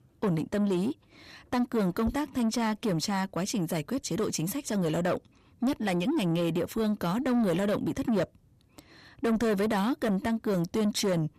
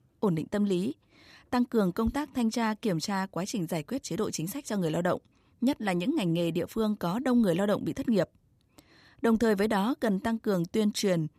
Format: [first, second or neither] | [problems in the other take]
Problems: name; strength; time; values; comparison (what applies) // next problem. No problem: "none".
second | distortion; slight; 10 dB below the speech